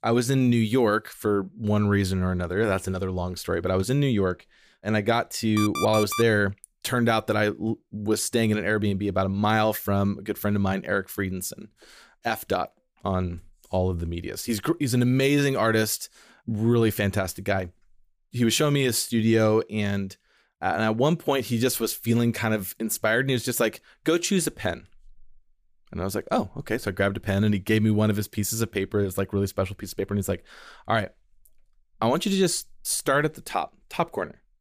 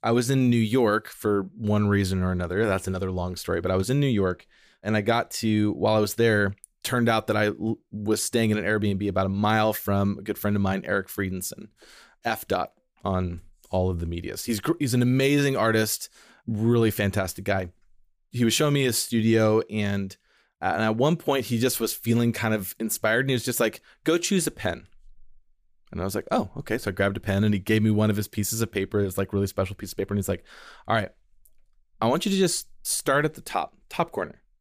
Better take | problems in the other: second | alarm; noticeable; at 5.5 s; peak 4 dB below the speech

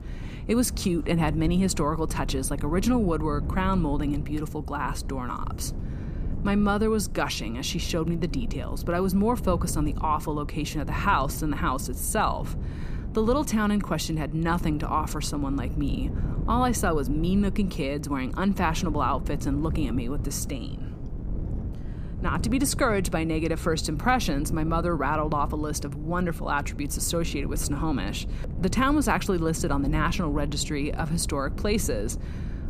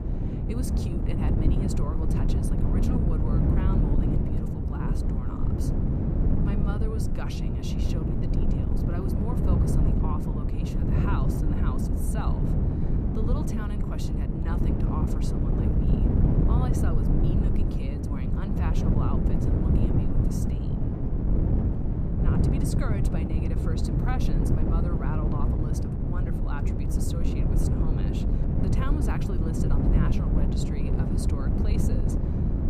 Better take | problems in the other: first | wind noise on the microphone; heavy; 5 dB above the speech; occasional gusts in the first

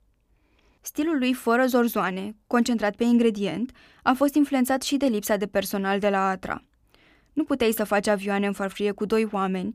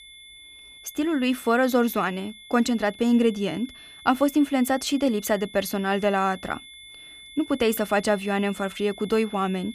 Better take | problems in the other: first | high-pitched whine; noticeable; throughout; 3.5 kHz, 20 dB below the speech

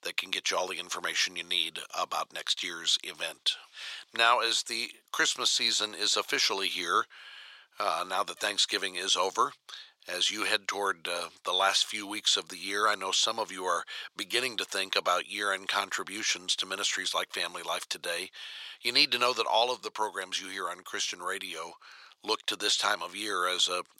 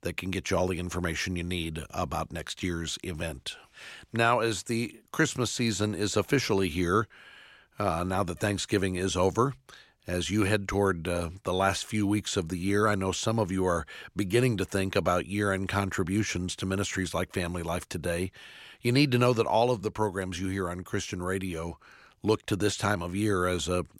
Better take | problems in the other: second | thin; very; fading below 650 Hz

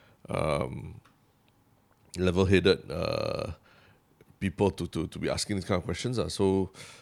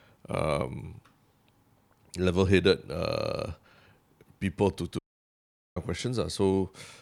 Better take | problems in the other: first | audio cutting out; at 5 s for 1 s

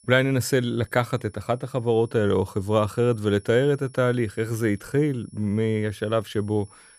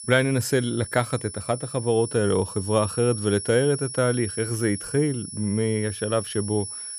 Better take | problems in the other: first | high-pitched whine; loud; throughout; 10 kHz, 9 dB below the speech; faint in the first

